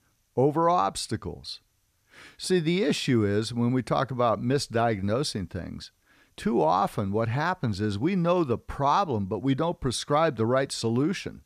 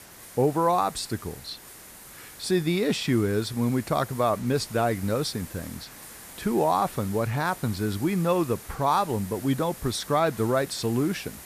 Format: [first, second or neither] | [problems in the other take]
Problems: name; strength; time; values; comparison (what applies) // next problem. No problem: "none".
first | hiss; noticeable; throughout; 15 dB below the speech